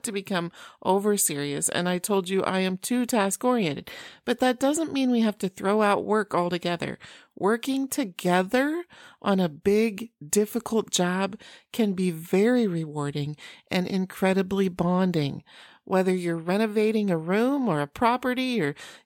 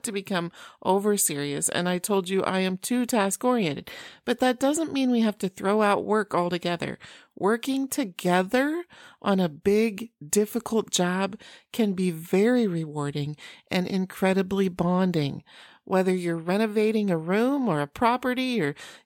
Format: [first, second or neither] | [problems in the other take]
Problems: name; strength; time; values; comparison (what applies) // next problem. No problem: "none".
neither | none